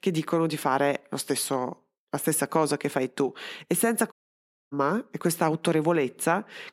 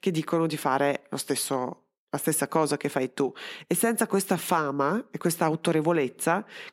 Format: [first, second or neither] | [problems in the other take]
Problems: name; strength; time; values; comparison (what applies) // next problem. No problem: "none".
second | audio cutting out; at 4 s for 0.5 s